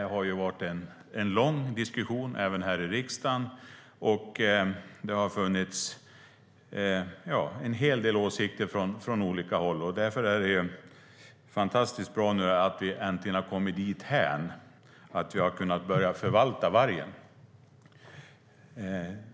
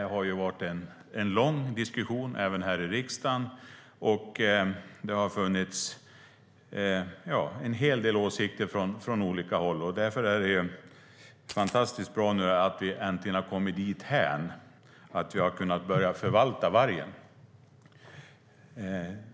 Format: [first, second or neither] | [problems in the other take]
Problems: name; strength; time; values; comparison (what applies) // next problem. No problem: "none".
first | background sound (Coin (dropping)); 14 dB below the speech